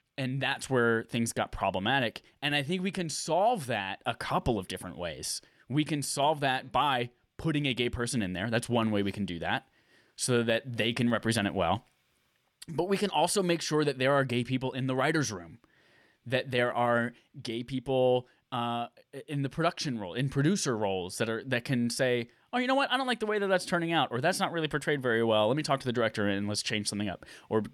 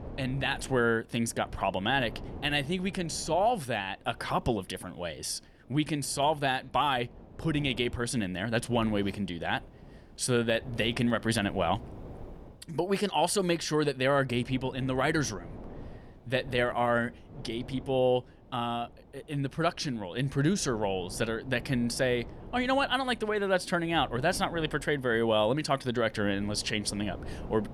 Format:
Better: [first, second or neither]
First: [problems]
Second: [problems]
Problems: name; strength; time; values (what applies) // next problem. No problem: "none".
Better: first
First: none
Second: wind noise on the microphone; occasional gusts; 20 dB below the speech